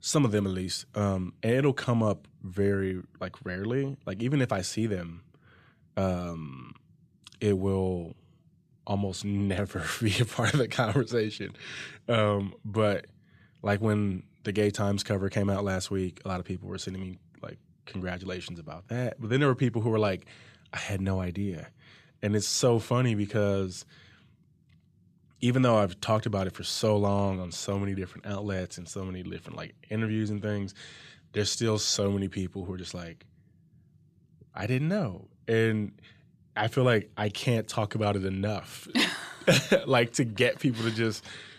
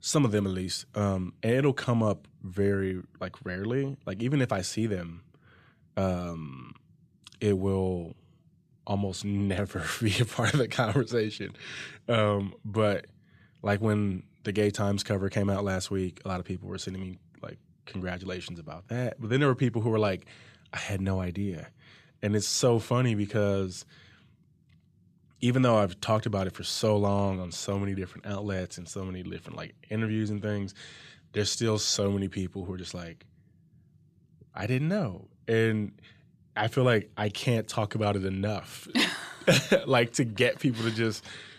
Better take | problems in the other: neither | none

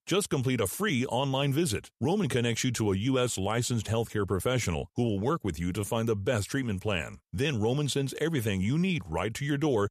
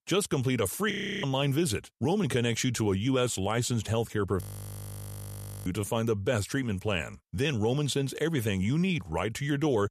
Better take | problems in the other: first | audio freezing; at 1 s and at 4.5 s for 1.5 s

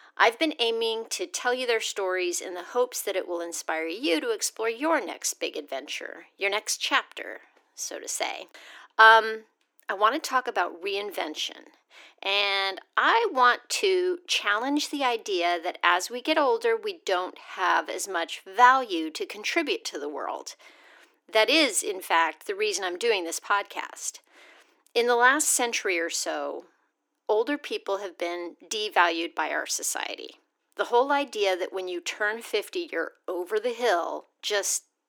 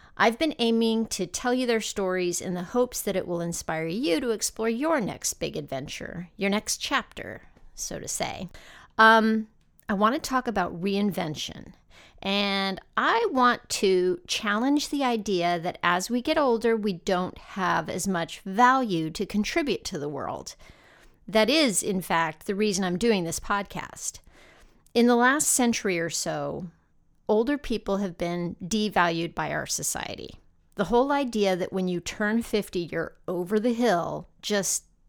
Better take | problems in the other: second | thin; somewhat; fading below 300 Hz

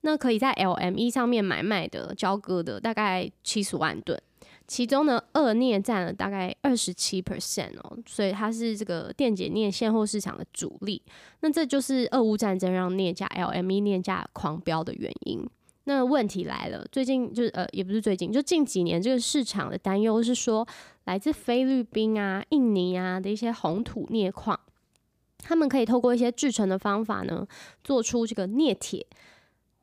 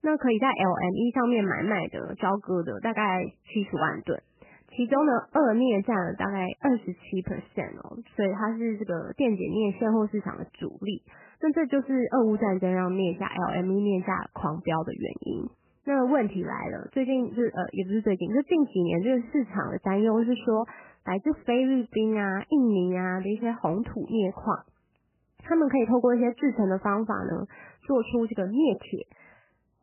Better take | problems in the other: first | garbled, watery; badly; nothing above 3 kHz

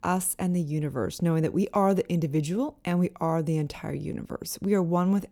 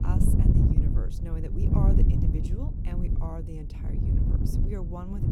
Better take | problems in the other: first | wind noise on the microphone; heavy; 4 dB above the speech

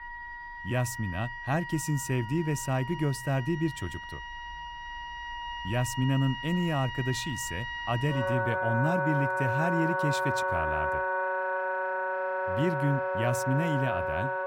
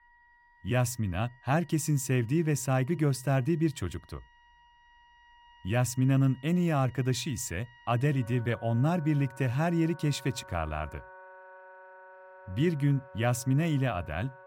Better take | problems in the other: second | background music; loud; throughout; 2 dB below the speech; faint in the second

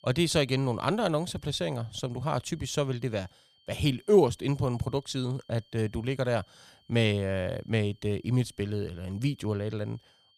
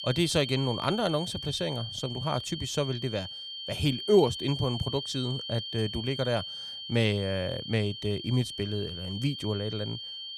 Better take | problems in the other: first | high-pitched whine; loud; throughout; 3 kHz, 7 dB below the speech; faint in the first

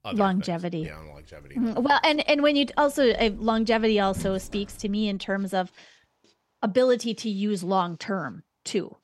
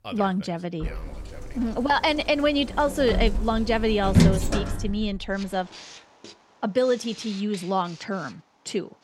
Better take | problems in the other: first | household noises; loud; throughout; 2 dB below the speech; faint in the first

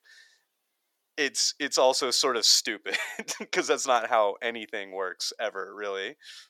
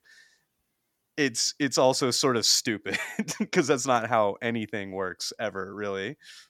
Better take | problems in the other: second | thin; somewhat; fading below 500 Hz

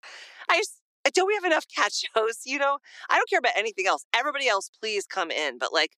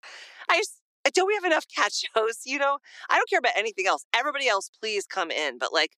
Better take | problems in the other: neither | thin; very; fading below 350 Hz; the same in both

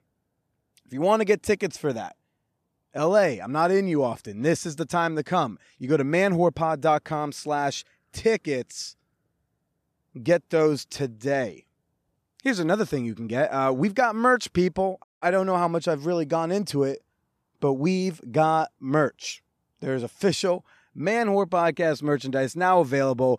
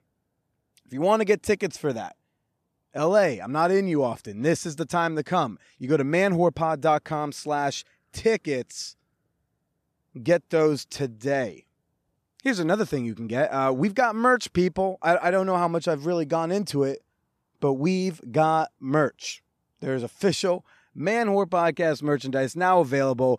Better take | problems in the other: second | audio cutting out; at 15 s

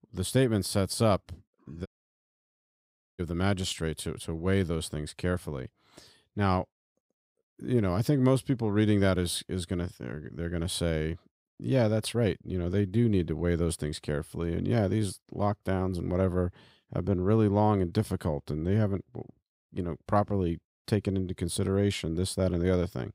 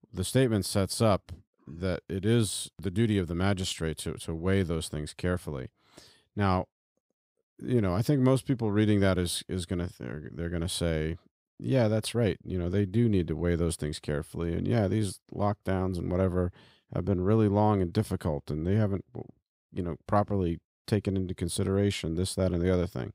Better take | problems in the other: second | audio cutting out; at 2 s for 1.5 s

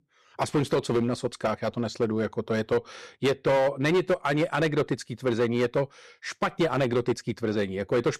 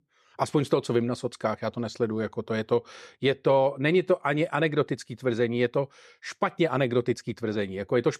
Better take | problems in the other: second | distortion; slight; 8% of the sound clipped

